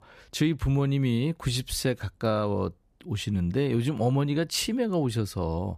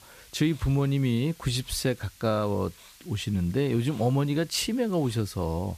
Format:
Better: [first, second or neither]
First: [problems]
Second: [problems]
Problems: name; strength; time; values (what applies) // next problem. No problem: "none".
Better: first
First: none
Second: hiss; faint; throughout; 25 dB below the speech